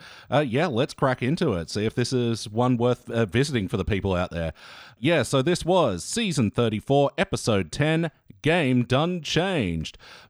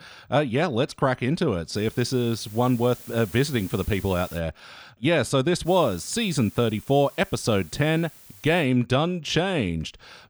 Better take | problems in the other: first | hiss; noticeable; from 2 to 4.5 s and from 5.5 to 8.5 s; 20 dB below the speech

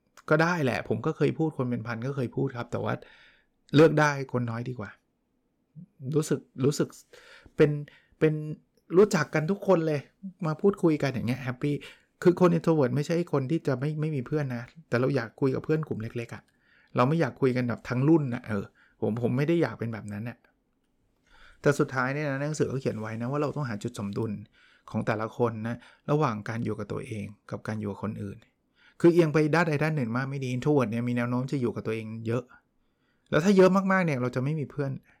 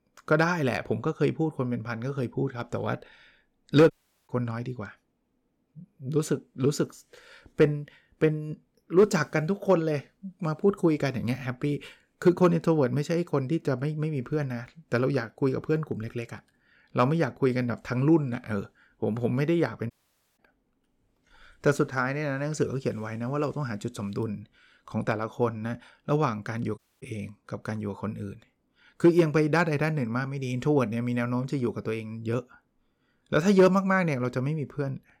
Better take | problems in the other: first | audio cutting out; at 4 s, at 20 s and at 27 s

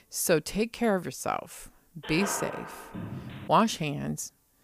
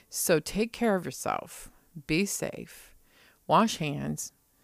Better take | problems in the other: second | phone ringing; noticeable; from 2 to 3.5 s; peak 6 dB below the speech

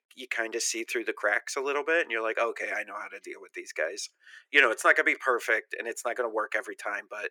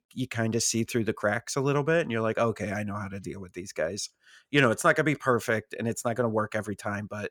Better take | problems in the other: second | thin; very; fading below 350 Hz

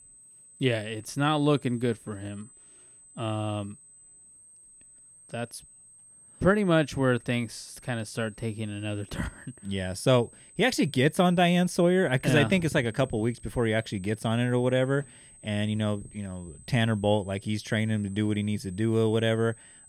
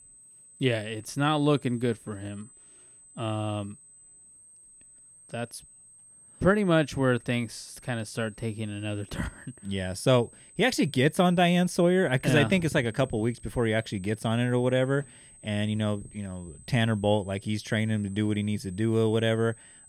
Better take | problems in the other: neither | high-pitched whine; faint; throughout; 8 kHz, 25 dB below the speech; the same in both

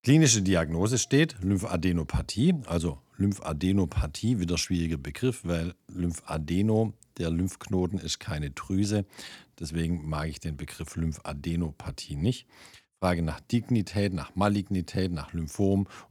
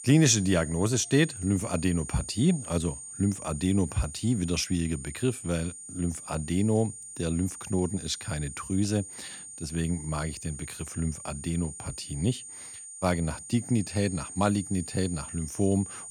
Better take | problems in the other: first | high-pitched whine; noticeable; throughout; 9 kHz, 10 dB below the speech

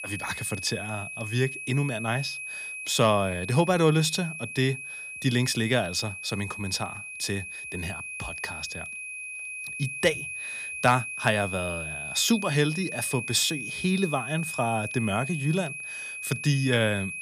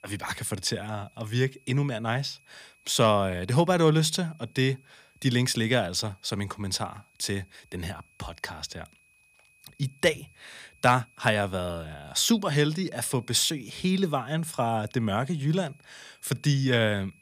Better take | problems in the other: second | high-pitched whine; loud; throughout; 2.5 kHz, 7 dB below the speech; faint in the second

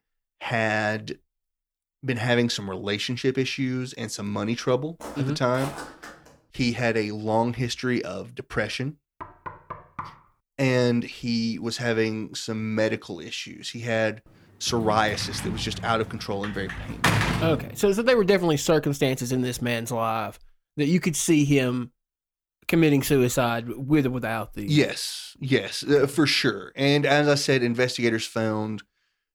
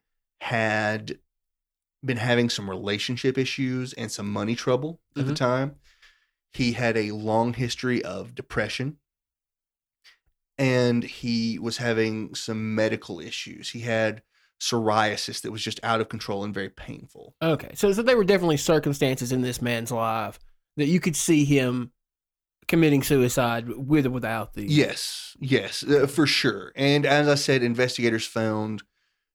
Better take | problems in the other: second | footsteps; faint; from 5 to 6.5 s; peak 10 dB below the speech // door banging; faint; at 9 s; peak 15 dB below the speech // door banging; loud; from 15 to 18 s; peak 3 dB above the speech

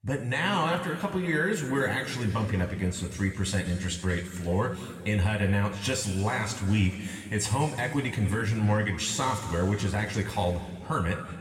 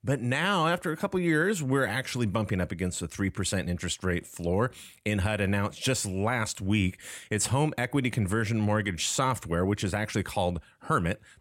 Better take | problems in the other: second | room echo; noticeable; dies away in 2 s // off-mic speech; somewhat distant

